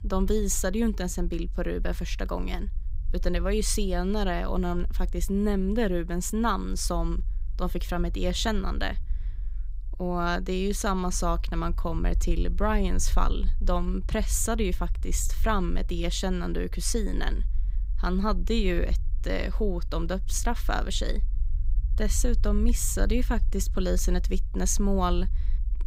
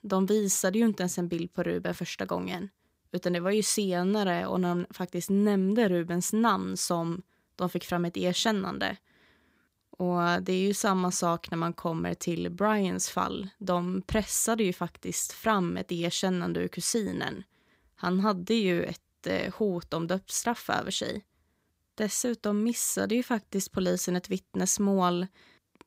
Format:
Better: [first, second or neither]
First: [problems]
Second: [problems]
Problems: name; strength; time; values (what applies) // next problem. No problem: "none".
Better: second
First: low rumble; faint; throughout; 25 dB below the speech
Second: none